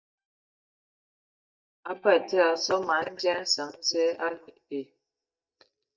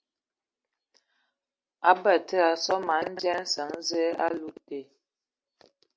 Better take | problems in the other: second | noise reduction (neural mask model DeepFilterNet 3)

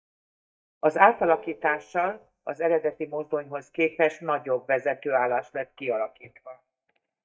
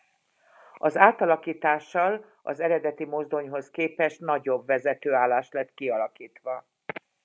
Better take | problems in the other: second | noise reduction (neural mask model DeepFilterNet 3)

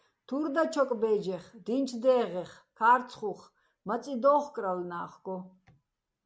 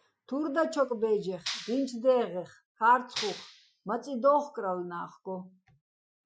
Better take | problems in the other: first | noise reduction (classical method Wiener filter)

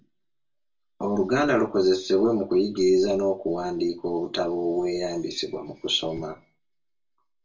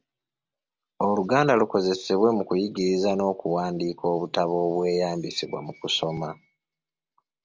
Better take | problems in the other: second | room echo; dies away in 0.2 s

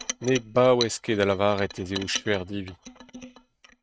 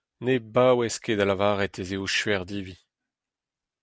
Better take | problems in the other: second | noise reduction (neural mask model RNNoise)

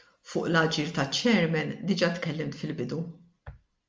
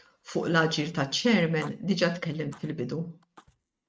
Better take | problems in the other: first | noise reduction (neural mask model RNNoise)

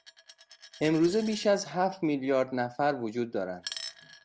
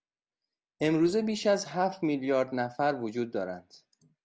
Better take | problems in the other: second | background sound (Coin (dropping)); 18 dB below the speech

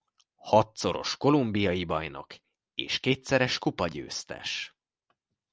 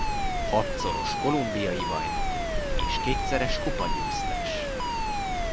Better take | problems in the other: first | background sound (Rain + Alarm); 5 dB above the speech

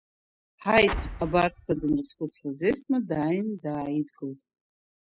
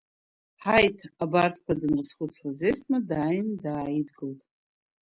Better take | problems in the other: second | noise reduction (classical method spectral subtraction)

